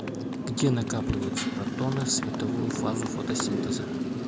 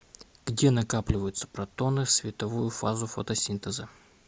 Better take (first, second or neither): second